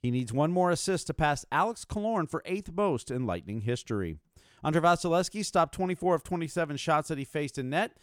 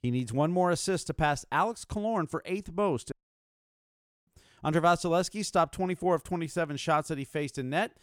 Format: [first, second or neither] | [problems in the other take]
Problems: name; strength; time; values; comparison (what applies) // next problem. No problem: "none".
first | audio cutting out; at 3 s for 1 s